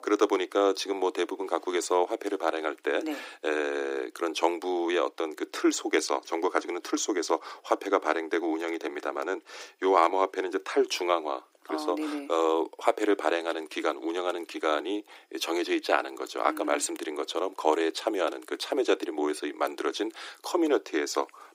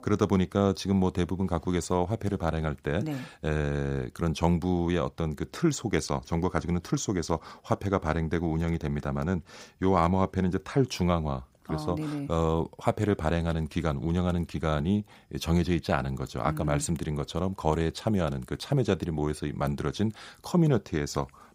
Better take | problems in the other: second | thin; very; fading below 300 Hz

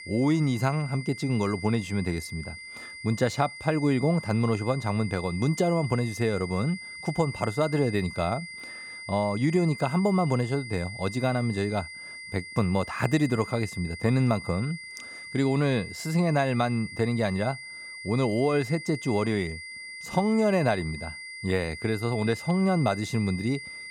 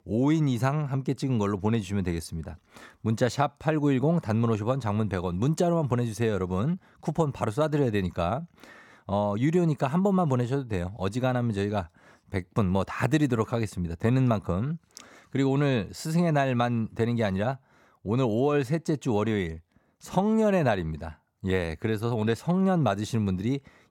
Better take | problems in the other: second | high-pitched whine; noticeable; throughout; 2 kHz, 10 dB below the speech

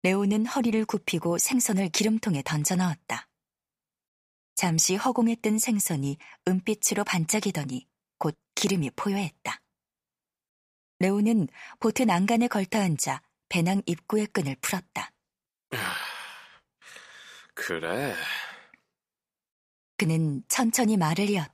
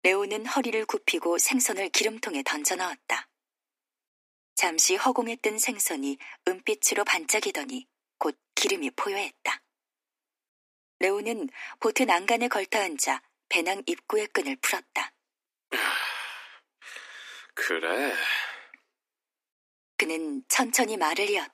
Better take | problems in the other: first | thin; somewhat; fading below 250 Hz

